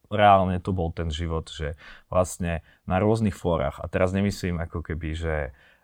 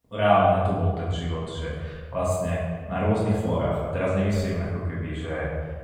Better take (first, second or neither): first